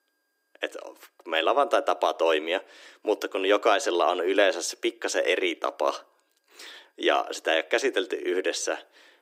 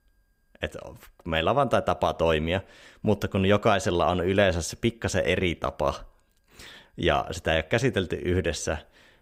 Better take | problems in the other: second | thin; very; fading below 300 Hz

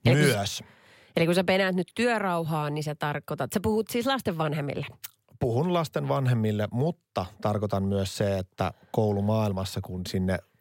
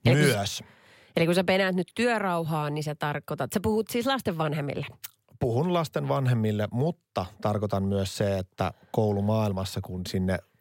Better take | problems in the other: neither | none

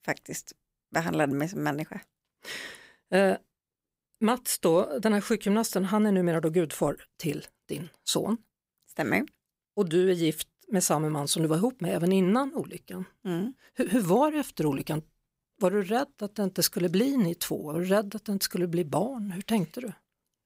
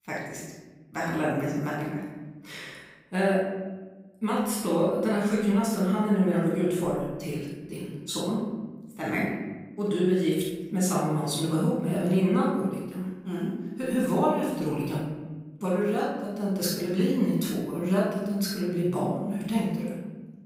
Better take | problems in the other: first | off-mic speech; far // room echo; noticeable; dies away in 1.3 s

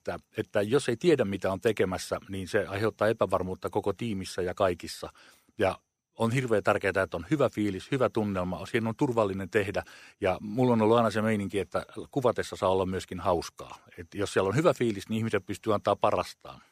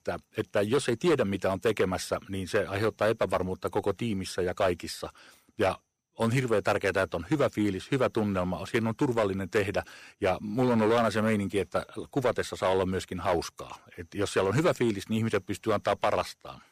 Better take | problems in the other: first | distortion; slight; 5% of the sound clipped

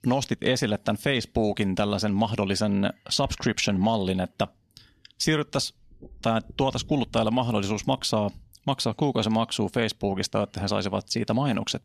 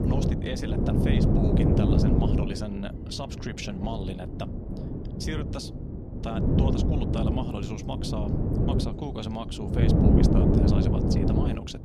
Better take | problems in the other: first | wind noise on the microphone; heavy; 5 dB above the speech

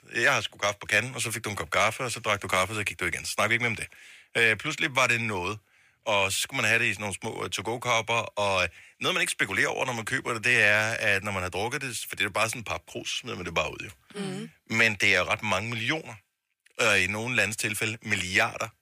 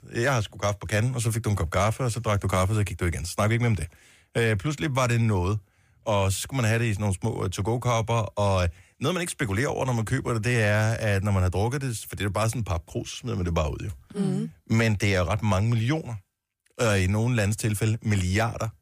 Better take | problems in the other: second | thin; somewhat; fading below 1 kHz

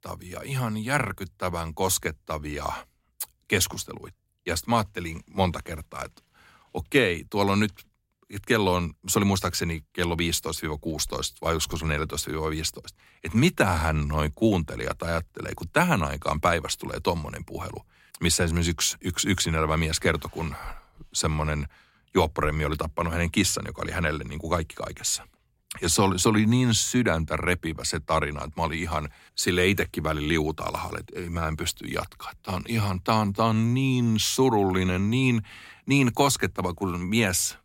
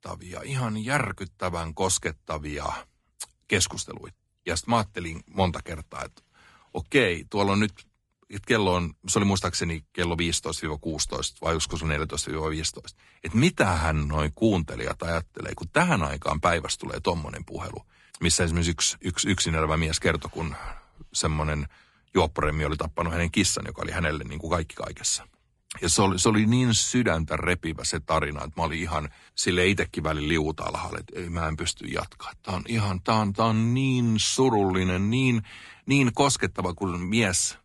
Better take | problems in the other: first | garbled, watery; slightly; nothing above 10.5 kHz

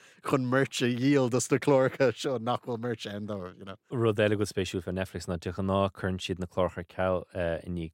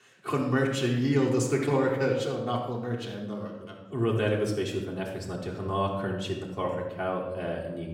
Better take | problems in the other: first | room echo; noticeable; dies away in 0.9 s // off-mic speech; far

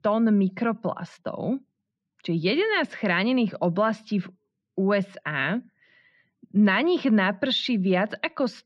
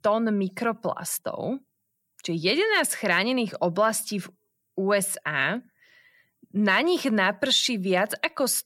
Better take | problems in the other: second | muffled; very slightly; fading above 4 kHz

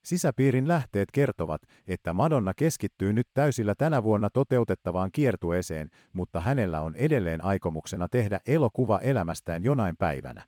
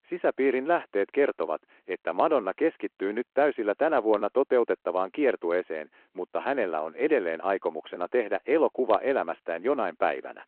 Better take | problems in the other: first | phone-call audio; nothing above 3.5 kHz

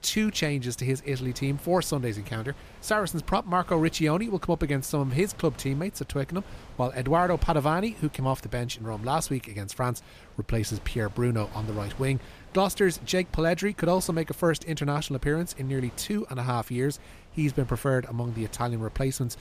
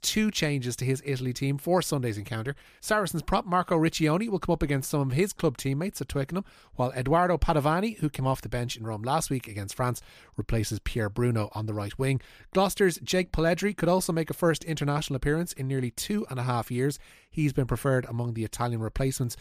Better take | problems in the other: second | wind noise on the microphone; occasional gusts; 20 dB below the speech

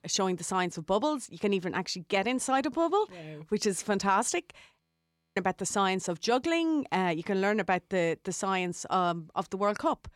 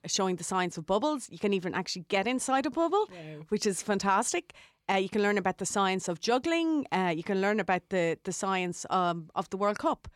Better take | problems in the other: second | audio freezing; at 5 s for 0.5 s

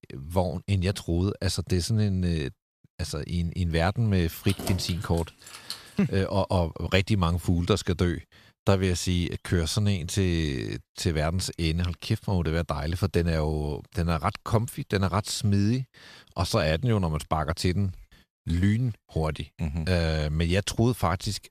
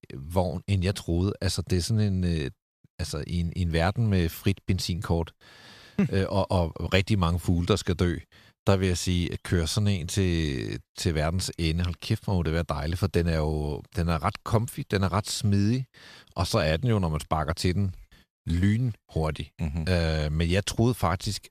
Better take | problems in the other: second | jangling keys; noticeable; from 4.5 to 6 s; peak 8 dB below the speech

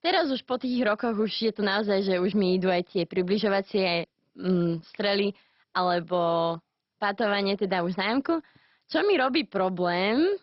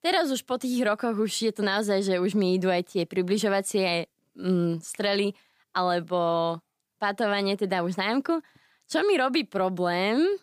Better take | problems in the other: second | garbled, watery; badly; nothing above 5 kHz

